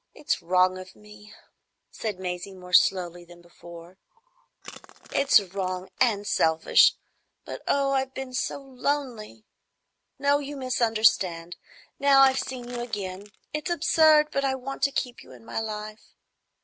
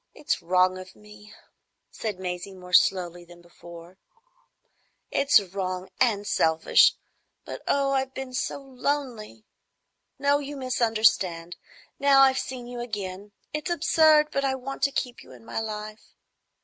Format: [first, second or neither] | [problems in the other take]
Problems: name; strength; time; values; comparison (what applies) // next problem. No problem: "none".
second | background sound (Crushing); 18 dB below the speech